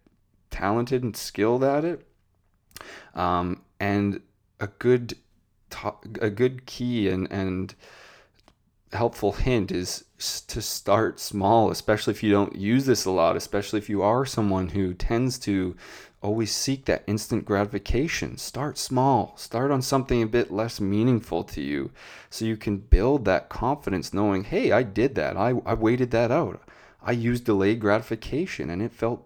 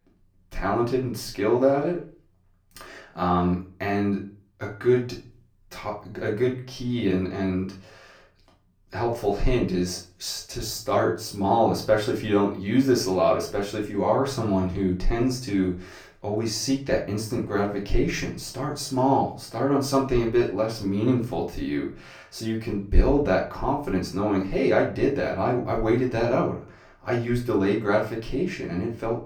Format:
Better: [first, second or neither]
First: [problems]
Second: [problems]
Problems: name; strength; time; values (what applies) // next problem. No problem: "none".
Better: first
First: none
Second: off-mic speech; far // room echo; slight; dies away in 0.3 s